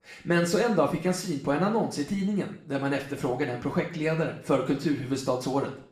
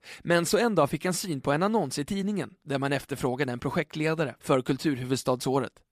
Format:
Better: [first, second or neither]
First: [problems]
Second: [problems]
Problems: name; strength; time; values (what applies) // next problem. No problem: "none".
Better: second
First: room echo; slight; dies away in 0.5 s // off-mic speech; far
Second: none